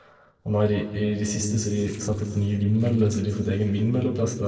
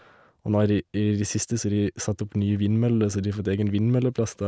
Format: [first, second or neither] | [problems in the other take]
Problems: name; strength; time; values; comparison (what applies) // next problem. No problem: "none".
second | noise reduction (neural separator model SepFormer DNS4)